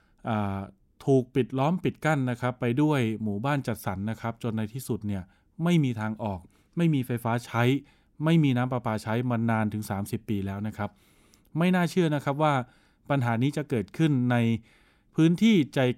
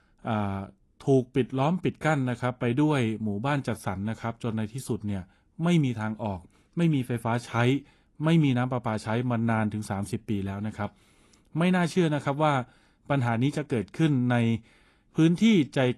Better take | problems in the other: first | garbled, watery; slightly; nothing above 11.5 kHz

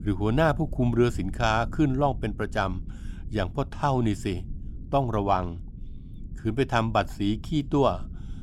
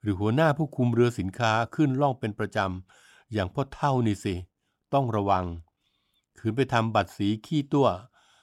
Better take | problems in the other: second | low rumble; faint; throughout; 25 dB below the speech

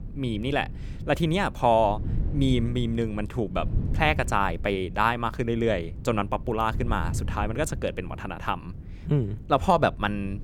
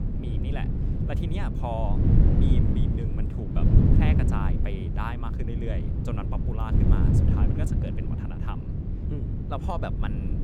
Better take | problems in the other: first | wind noise on the microphone; heavy; 1 dB above the speech; occasional gusts in the first

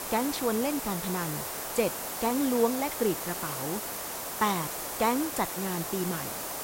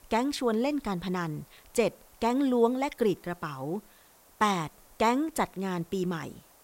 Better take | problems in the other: second | hiss; loud; throughout; 3 dB below the speech; faint in the second

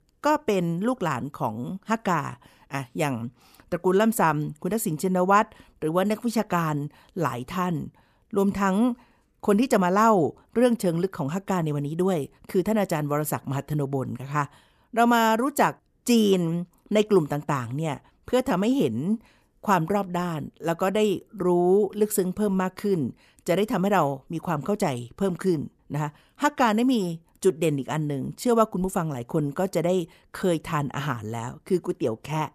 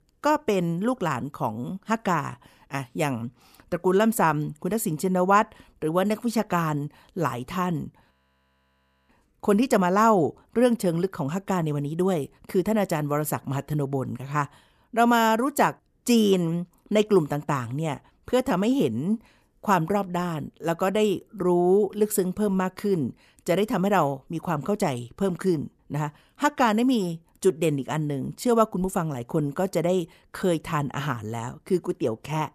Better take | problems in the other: first | audio freezing; at 8 s for 1 s

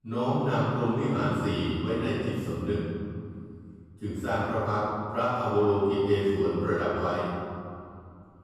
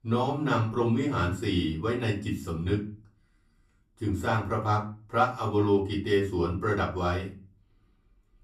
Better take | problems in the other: second | room echo; strong; dies away in 2.3 s; slight in the second // off-mic speech; far; far in the second

